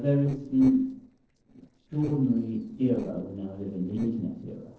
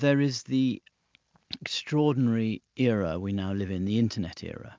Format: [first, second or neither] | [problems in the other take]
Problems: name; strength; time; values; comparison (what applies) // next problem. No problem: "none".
second | noise reduction (neural separator model SepFormer DNS4)